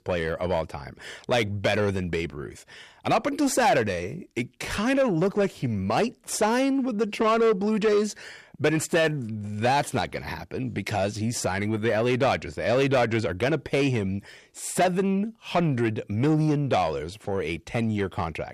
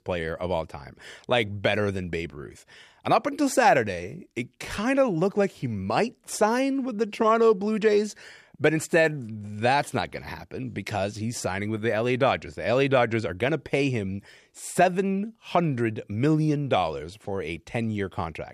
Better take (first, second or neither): second